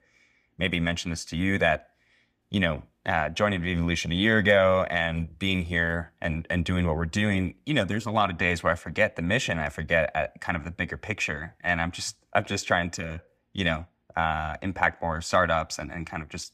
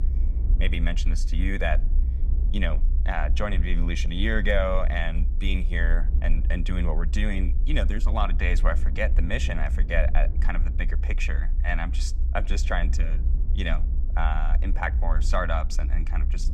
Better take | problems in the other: first | low rumble; noticeable; throughout; 15 dB below the speech

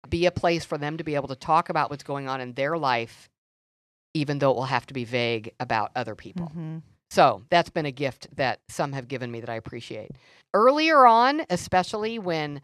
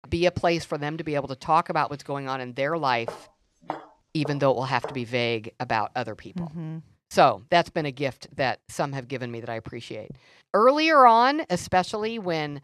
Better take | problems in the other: first | footsteps; faint; from 3 to 5 s; peak 15 dB below the speech

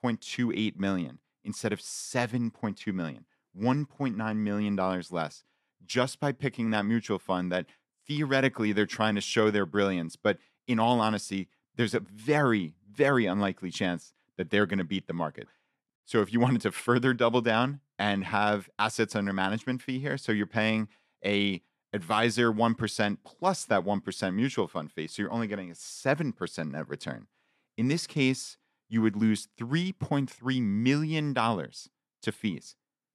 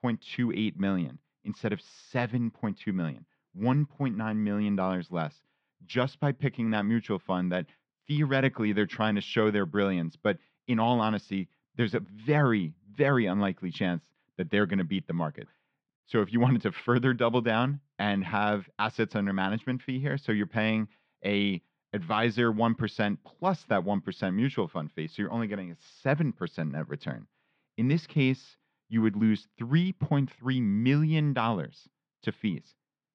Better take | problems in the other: first | muffled; slightly; fading above 4 kHz

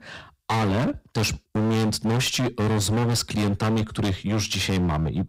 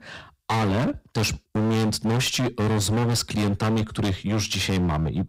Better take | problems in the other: neither | distortion; heavy; 35% of the sound clipped; the same in both

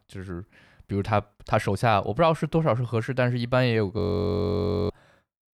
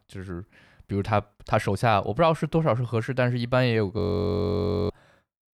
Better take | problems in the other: neither | audio freezing; at 4 s for 1 s; the same in both

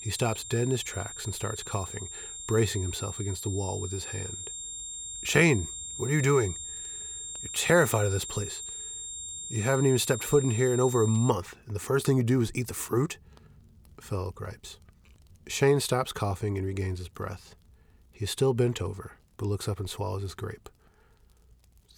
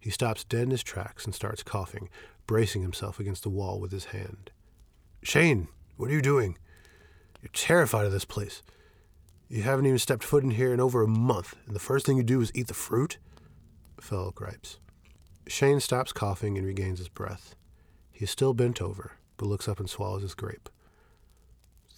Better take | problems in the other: second | high-pitched whine; loud; until 11 s; 7.5 kHz, 8 dB below the speech

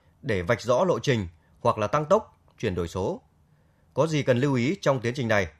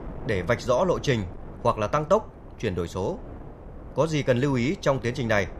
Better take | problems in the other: first | wind noise on the microphone; occasional gusts; 20 dB below the speech

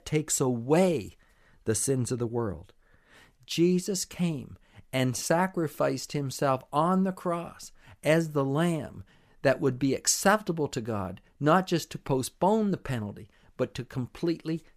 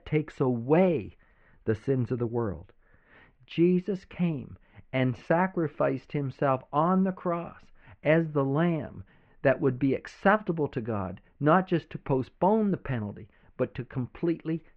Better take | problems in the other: first | muffled; very; fading above 2.5 kHz

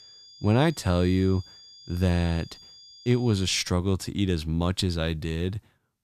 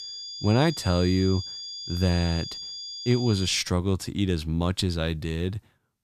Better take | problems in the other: first | high-pitched whine; loud; until 3.5 s; 5 kHz, 9 dB below the speech; faint in the first

